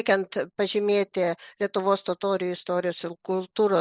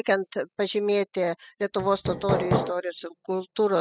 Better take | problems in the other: first | noise reduction (classical method spectral subtraction)

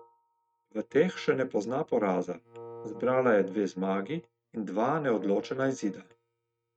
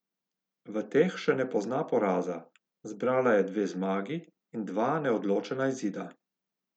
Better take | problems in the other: second | noise reduction (neural mask model RNNoise)

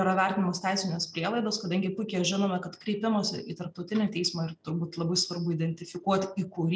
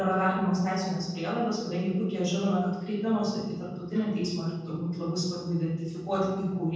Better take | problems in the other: first | room echo; dies away in 1.1 s

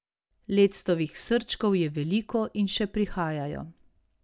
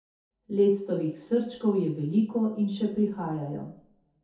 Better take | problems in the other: first | room echo; dies away in 0.5 s

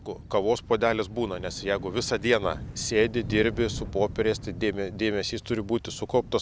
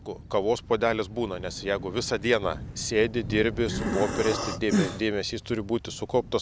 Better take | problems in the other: first | background sound (Breathing); 1 dB below the speech

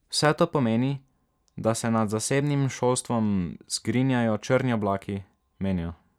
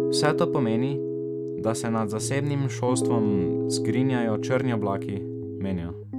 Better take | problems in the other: first | background sound (Piano); as loud as the speech

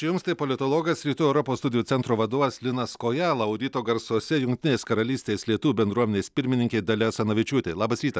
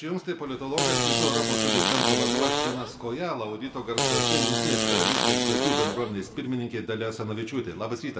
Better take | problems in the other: first | background sound (Fart); 5 dB above the speech // room echo; dies away in 1.7 s

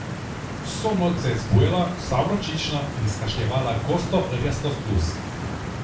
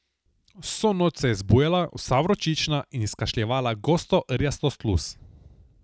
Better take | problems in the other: second | background sound (Stream); 6 dB below the speech // room echo; dies away in 0.3 s

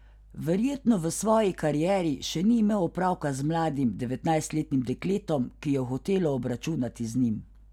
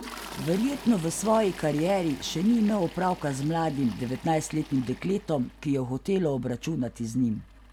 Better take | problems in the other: first | background sound (Toilet flush); 18 dB below the speech

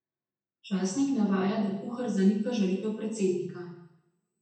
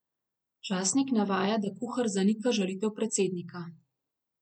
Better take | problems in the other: second | room echo; dies away in 0.8 s

